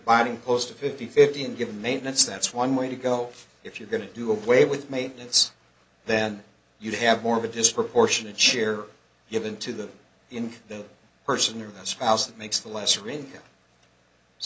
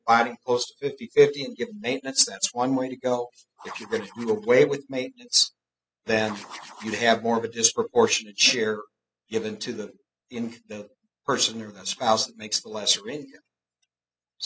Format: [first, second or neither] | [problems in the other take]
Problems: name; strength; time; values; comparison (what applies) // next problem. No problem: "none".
first | noise reduction (classical method spectral subtraction)